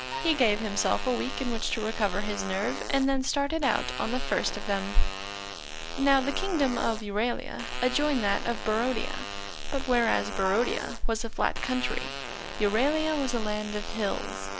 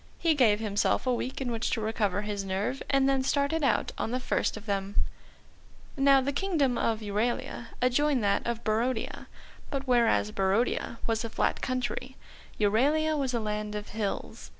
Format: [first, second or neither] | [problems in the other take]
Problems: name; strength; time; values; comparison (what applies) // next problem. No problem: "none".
second | background sound (Fart + Wind instrument, woodwind instrument); 10 dB below the speech